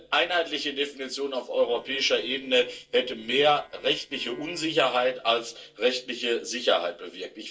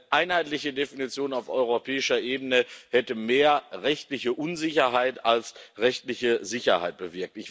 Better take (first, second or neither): second